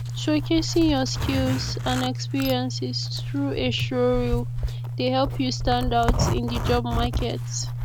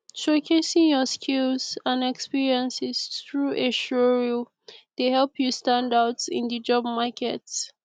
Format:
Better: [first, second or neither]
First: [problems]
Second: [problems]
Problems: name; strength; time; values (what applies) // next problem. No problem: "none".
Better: second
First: background sound (Zipper (clothing)); 1 dB below the speech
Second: none